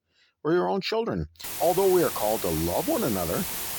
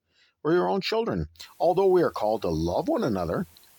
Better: second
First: hiss; loud; from 1.5 s on; 5 dB below the speech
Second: hiss; faint; from 1.5 s on; 30 dB below the speech

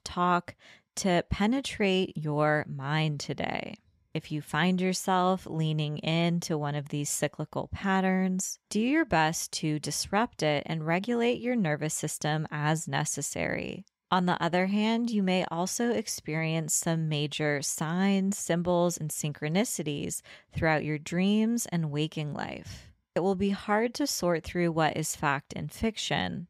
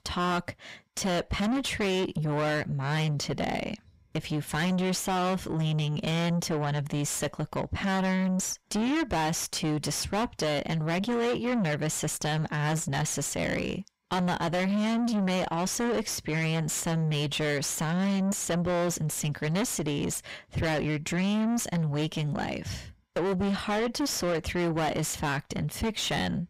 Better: first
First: none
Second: distortion; heavy; 5 dB below the speech

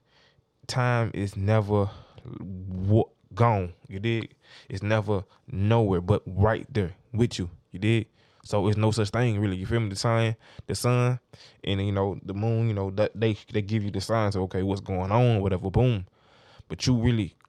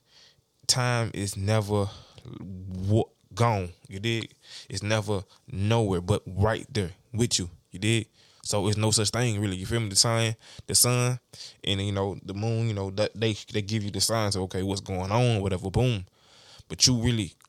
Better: second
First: muffled; slightly; fading above 3.5 kHz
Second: none

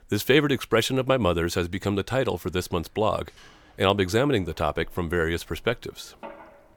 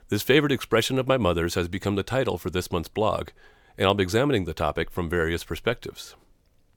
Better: second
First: machinery noise; faint; throughout; 25 dB below the speech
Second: none

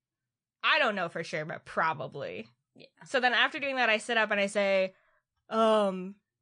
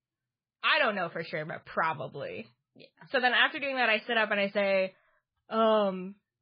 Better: first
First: garbled, watery; slightly; nothing above 9.5 kHz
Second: garbled, watery; badly; nothing above 4.5 kHz

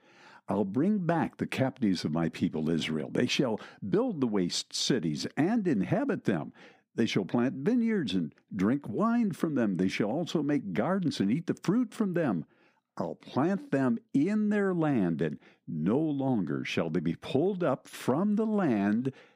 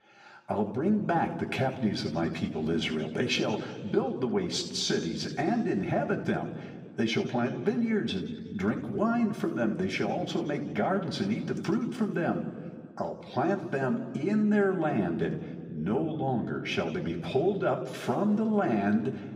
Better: first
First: none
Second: room echo; slight; dies away in 1.5 s // off-mic speech; somewhat distant

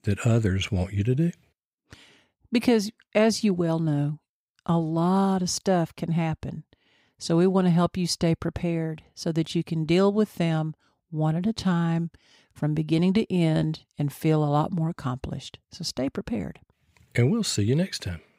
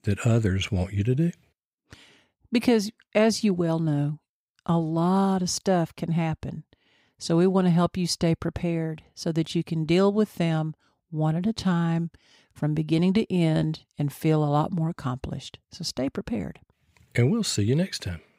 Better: neither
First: none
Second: none

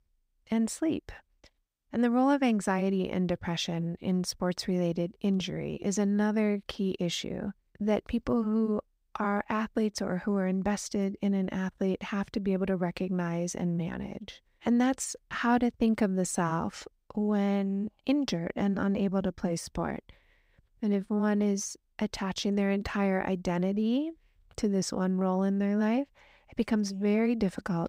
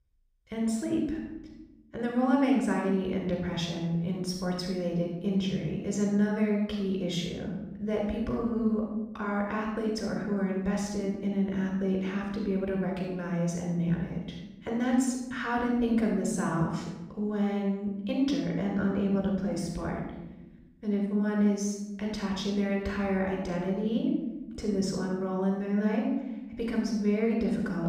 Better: first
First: none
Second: off-mic speech; far // room echo; noticeable; dies away in 1 s

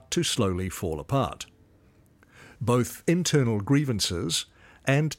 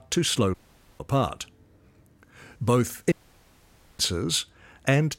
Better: first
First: none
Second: audio cutting out; at 0.5 s and at 3 s for 1 s

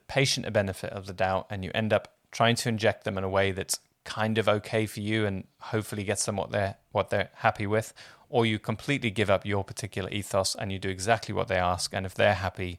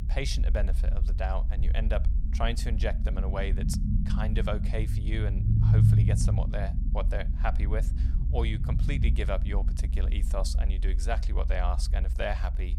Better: first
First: none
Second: low rumble; loud; throughout; 7 dB below the speech

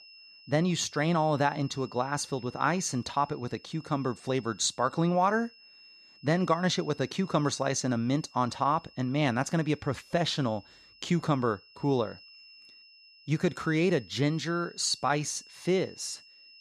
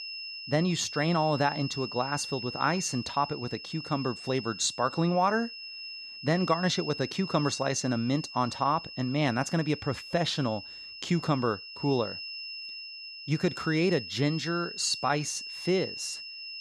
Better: first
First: high-pitched whine; faint; throughout; 5 kHz, 25 dB below the speech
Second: high-pitched whine; loud; throughout; 5 kHz, 9 dB below the speech

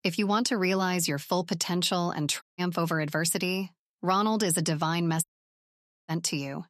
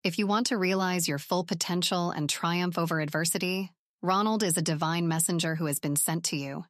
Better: second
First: audio cutting out; at 2.5 s and at 5 s for 1 s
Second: none

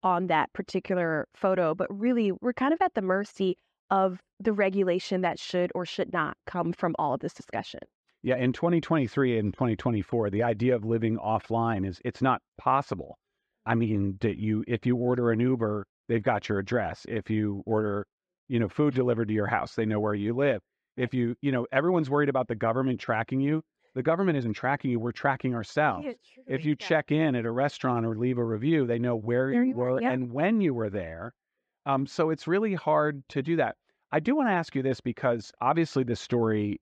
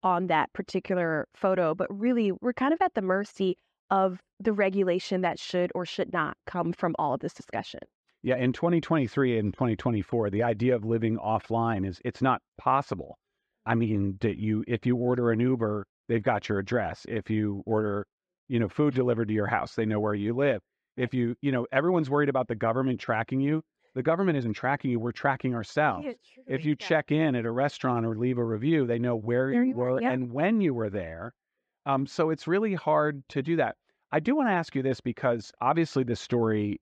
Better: neither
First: muffled; slightly; fading above 3 kHz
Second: muffled; slightly; fading above 3 kHz

